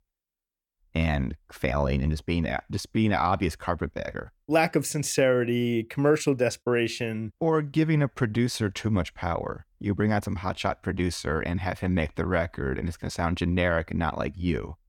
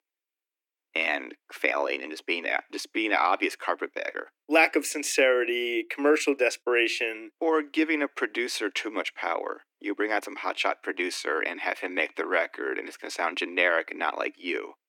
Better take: first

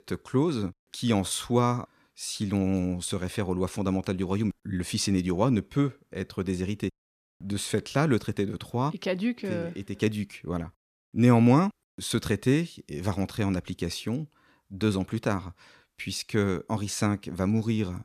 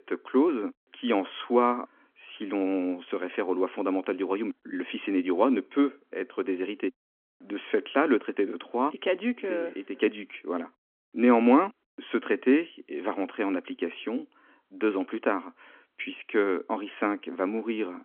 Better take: first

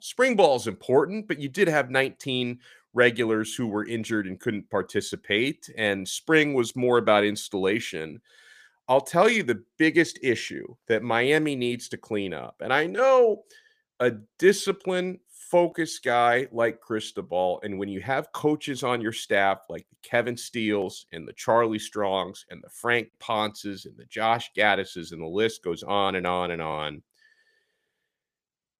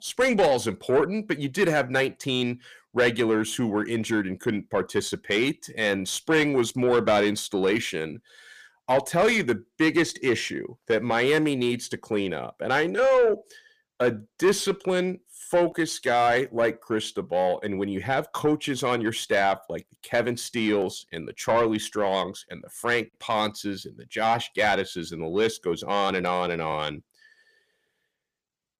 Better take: first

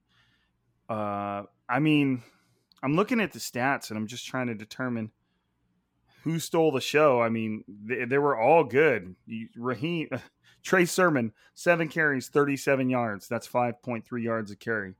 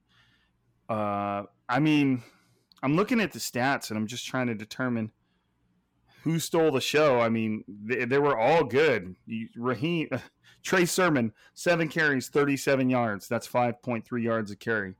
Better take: first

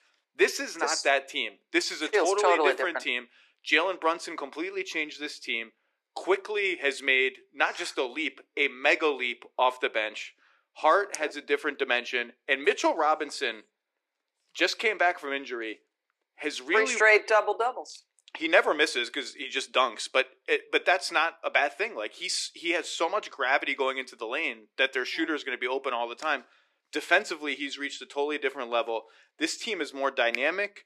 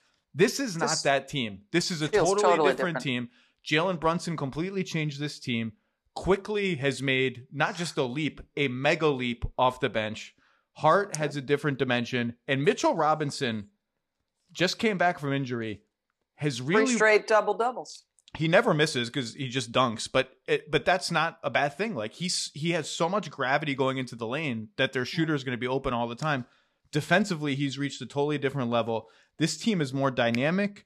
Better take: second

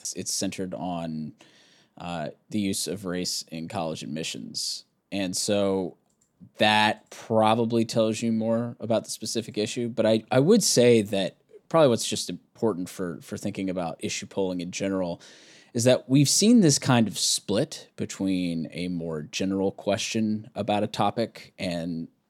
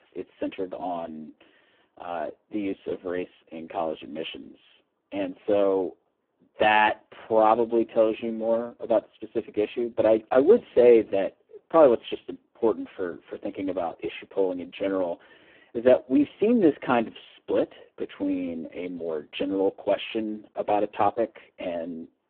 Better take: first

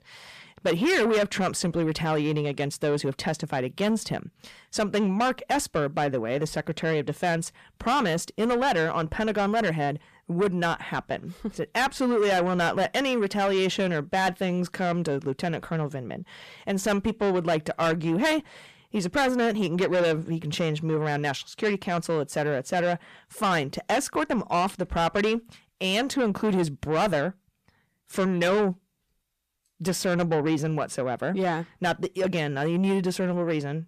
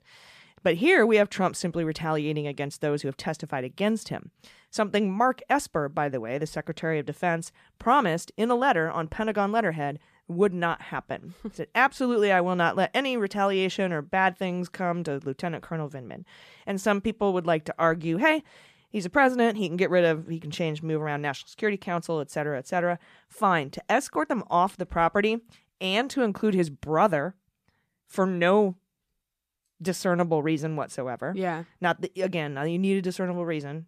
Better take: second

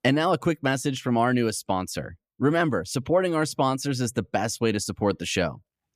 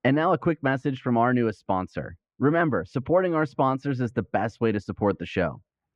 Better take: first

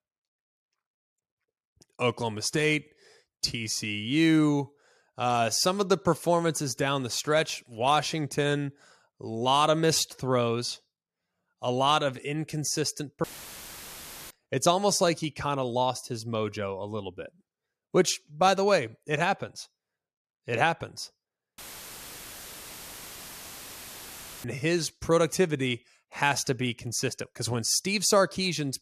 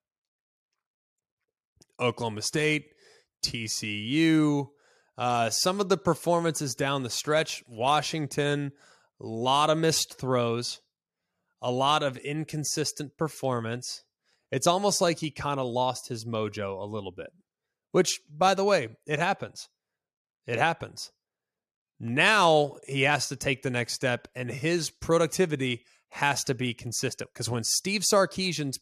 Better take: second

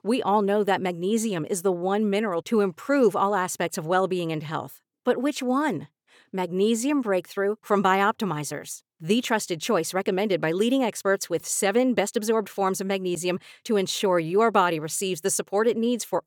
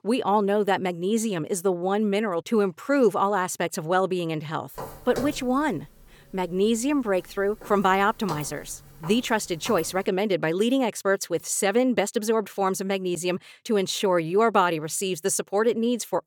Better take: first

